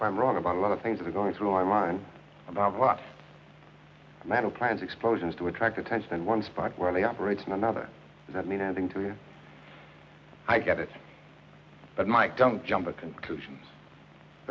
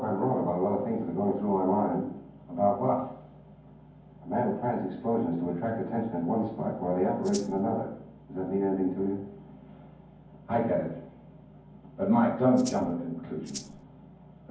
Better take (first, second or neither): first